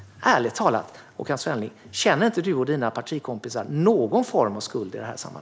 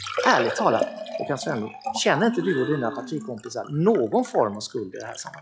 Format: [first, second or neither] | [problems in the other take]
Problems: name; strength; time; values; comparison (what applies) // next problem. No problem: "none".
first | noise reduction (classical method log-MMSE)